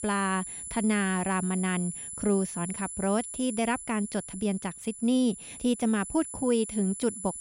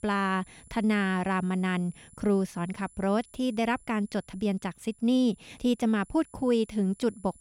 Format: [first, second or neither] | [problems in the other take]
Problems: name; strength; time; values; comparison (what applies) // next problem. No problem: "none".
second | high-pitched whine; loud; throughout; 10 kHz, 8 dB below the speech; faint in the second